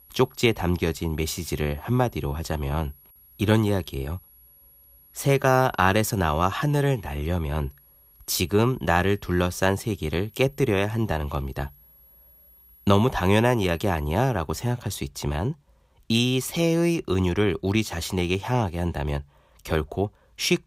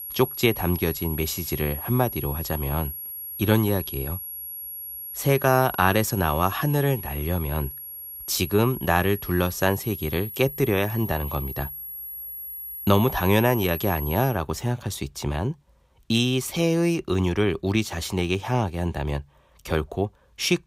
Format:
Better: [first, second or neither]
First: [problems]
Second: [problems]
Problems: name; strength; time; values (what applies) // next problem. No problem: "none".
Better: first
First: high-pitched whine; faint; until 14 s; 11.5 kHz, 25 dB below the speech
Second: high-pitched whine; loud; until 14 s; 11.5 kHz, 8 dB below the speech